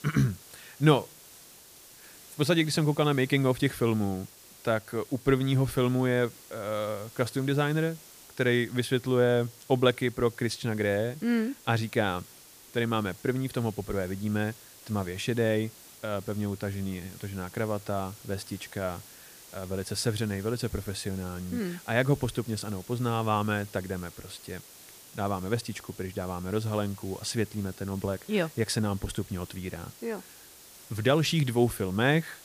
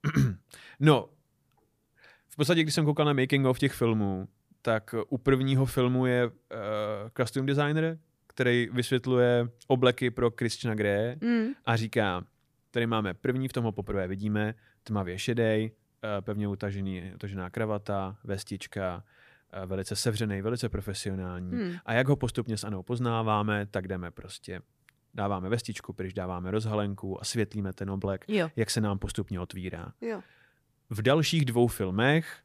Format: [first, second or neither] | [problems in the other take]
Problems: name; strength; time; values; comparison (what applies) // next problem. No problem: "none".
second | hiss; noticeable; throughout; 20 dB below the speech